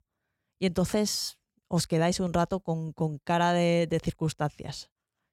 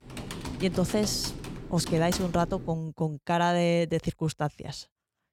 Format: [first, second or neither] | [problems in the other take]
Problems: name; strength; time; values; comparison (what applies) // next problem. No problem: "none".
first | keyboard typing; noticeable; until 3 s; peak 8 dB below the speech